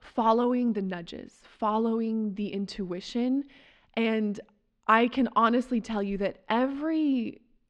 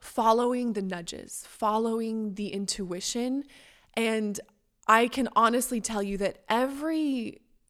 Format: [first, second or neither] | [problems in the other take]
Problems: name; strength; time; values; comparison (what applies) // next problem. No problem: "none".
second | muffled; slightly; fading above 4 kHz